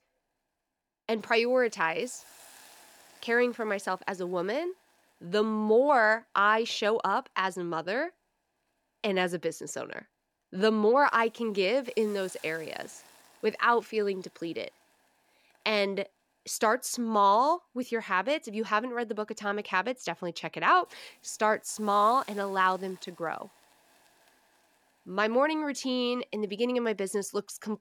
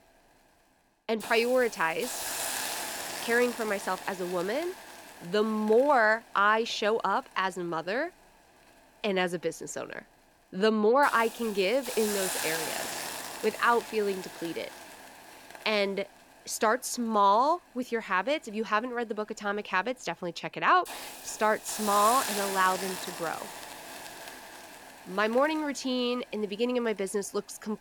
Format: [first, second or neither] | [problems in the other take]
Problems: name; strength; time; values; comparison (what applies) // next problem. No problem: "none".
first | hiss; loud; throughout; 9 dB below the speech; faint in the first